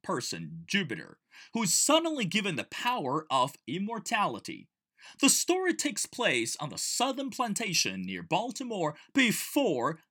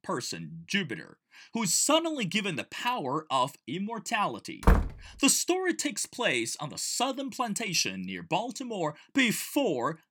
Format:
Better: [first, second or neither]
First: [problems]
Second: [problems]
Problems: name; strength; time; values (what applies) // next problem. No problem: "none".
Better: first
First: none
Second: door banging; loud; at 4.5 s; peak 3 dB above the speech